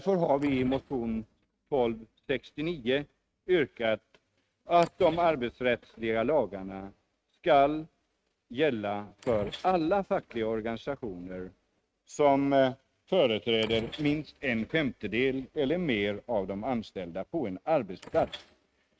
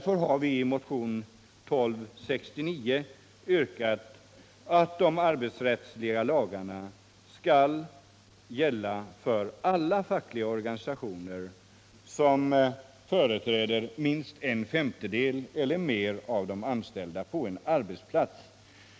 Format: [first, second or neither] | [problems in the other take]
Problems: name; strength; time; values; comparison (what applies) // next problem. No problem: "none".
second | noise reduction (neural mask model RNNoise)